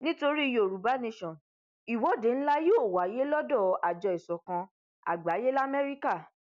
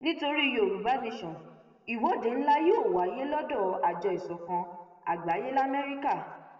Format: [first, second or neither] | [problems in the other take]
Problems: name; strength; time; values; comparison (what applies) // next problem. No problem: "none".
first | room echo; dies away in 1.3 s